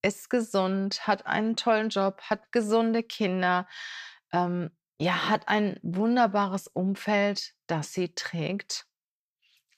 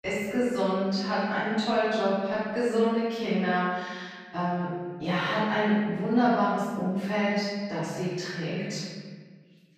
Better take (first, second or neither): first